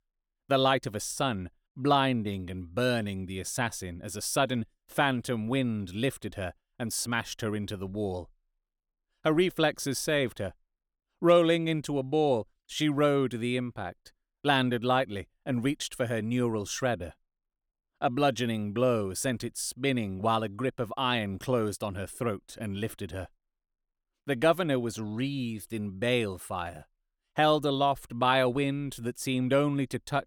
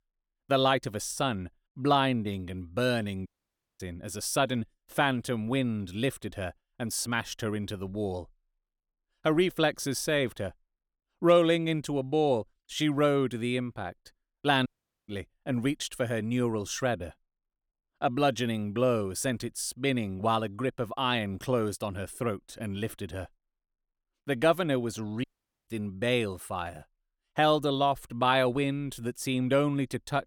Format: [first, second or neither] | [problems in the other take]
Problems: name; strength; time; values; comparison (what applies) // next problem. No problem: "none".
first | audio cutting out; at 3.5 s for 0.5 s, at 15 s and at 25 s